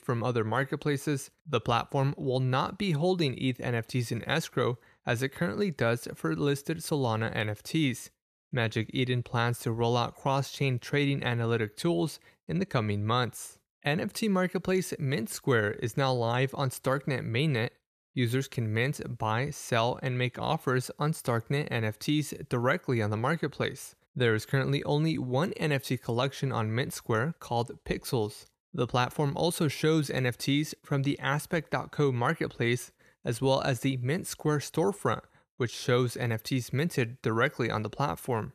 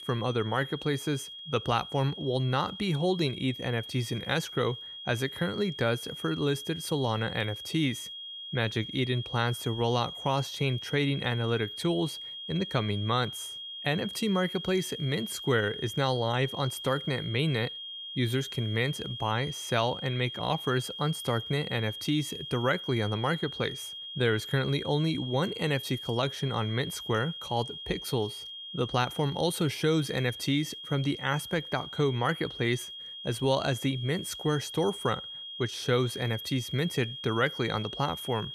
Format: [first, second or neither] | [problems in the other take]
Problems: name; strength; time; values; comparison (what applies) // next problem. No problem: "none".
first | high-pitched whine; loud; throughout; 3.5 kHz, 8 dB below the speech